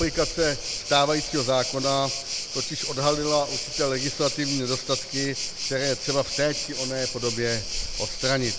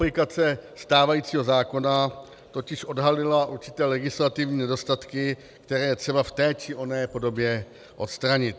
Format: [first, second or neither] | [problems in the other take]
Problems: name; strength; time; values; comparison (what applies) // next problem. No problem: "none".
second | background sound (Waves, surf); 4 dB below the speech